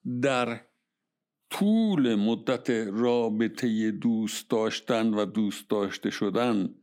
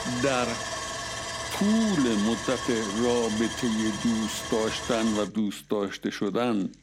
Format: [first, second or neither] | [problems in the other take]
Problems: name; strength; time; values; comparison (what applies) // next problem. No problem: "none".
first | machinery noise; loud; throughout; 5 dB below the speech